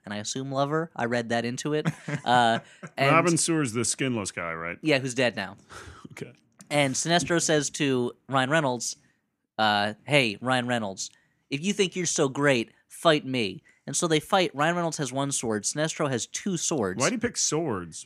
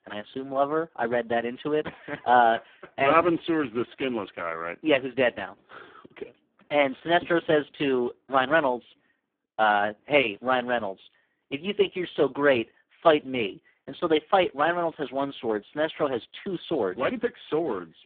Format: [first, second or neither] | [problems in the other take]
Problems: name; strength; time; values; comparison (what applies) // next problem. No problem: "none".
first | phone-call audio; poor line